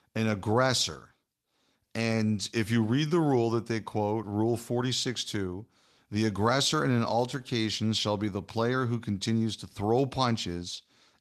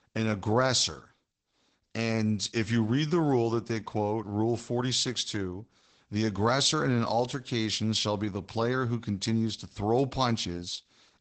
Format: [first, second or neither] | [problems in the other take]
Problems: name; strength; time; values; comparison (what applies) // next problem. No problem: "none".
first | garbled, watery; badly; nothing above 8 kHz; slightly in the first